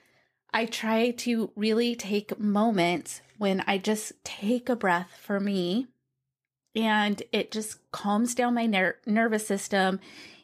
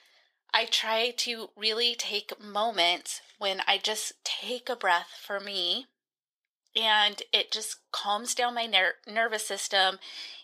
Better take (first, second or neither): first